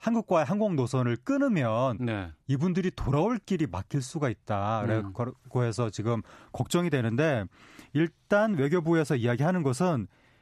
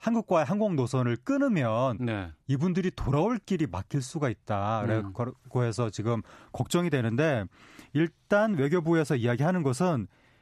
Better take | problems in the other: neither | none

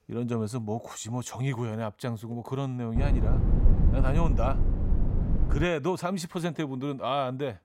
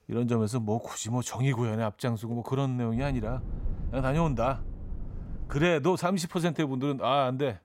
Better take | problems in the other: second | low rumble; loud; from 3 to 5.5 s; 7 dB below the speech; faint in the second

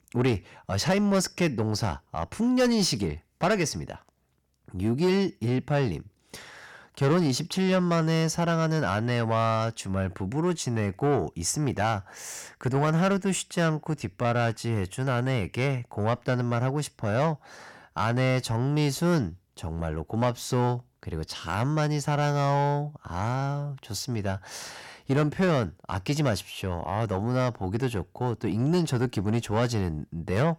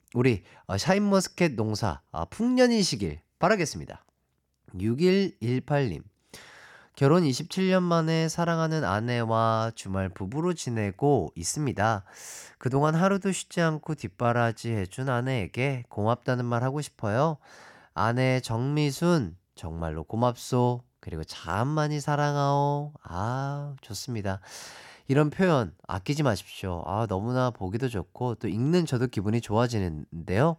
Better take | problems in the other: second | distortion; slight; 10 dB below the speech

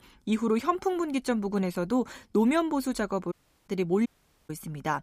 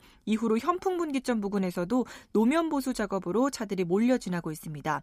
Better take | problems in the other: second | audio cutting out; at 3.5 s and at 4 s

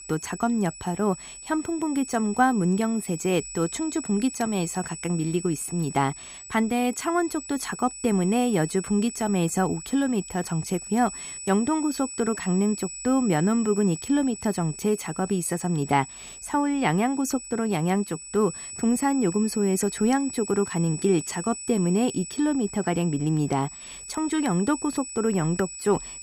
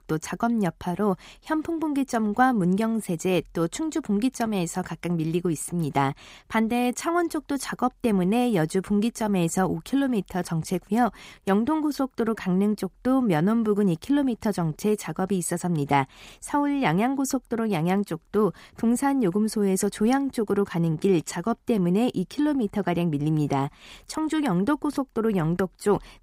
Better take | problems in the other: second | high-pitched whine; noticeable; throughout; 8 kHz, 10 dB below the speech

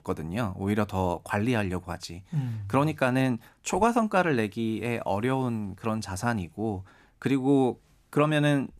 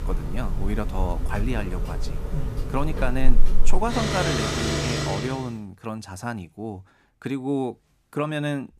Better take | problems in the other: first | machinery noise; very loud; until 5 s; 2 dB above the speech

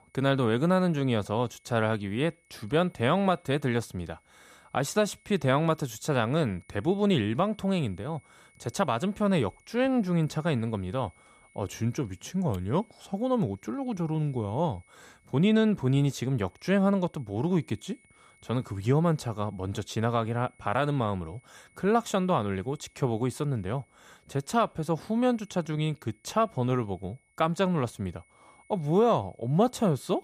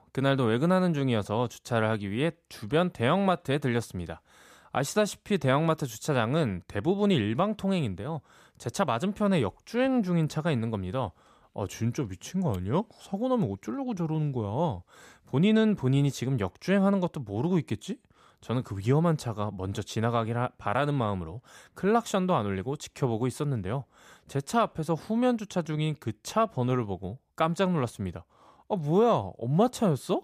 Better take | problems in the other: second | high-pitched whine; faint; throughout; 2 kHz, 35 dB below the speech

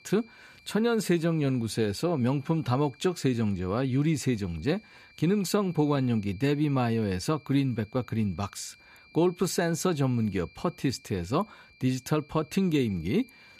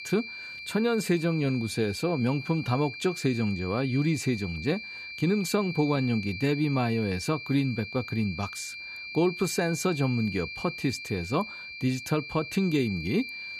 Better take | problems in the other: first | high-pitched whine; loud; throughout; 2.5 kHz, 9 dB below the speech; faint in the first

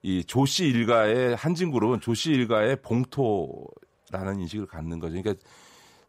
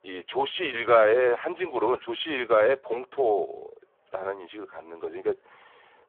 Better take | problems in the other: first | phone-call audio; poor line; nothing above 3.5 kHz

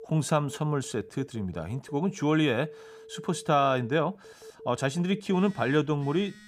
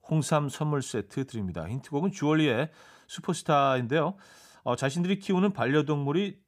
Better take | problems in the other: second | alarms or sirens; faint; throughout; 20 dB below the speech

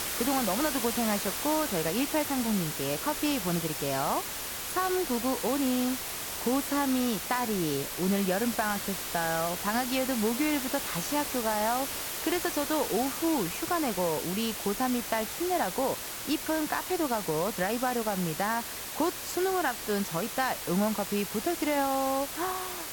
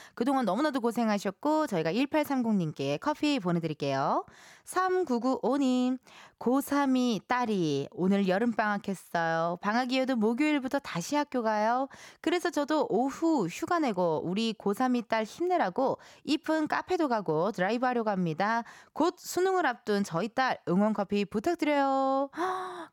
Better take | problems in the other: second | hiss; loud; throughout; 3 dB below the speech

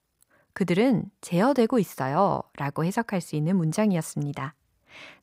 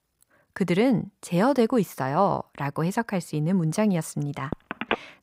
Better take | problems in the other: first | phone ringing; noticeable; at 4.5 s; peak 4 dB below the speech

